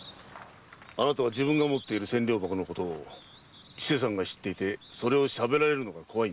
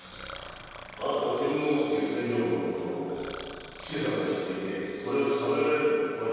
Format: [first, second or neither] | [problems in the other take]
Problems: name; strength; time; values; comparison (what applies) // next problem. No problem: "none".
first | background sound (Burping, eructation); 18 dB below the speech // room echo; dies away in 2.2 s